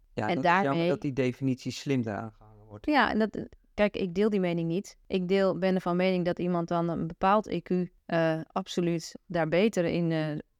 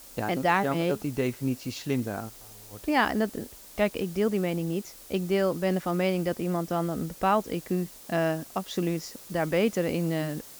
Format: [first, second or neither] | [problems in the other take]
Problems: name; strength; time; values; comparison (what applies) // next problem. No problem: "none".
first | hiss; noticeable; throughout; 15 dB below the speech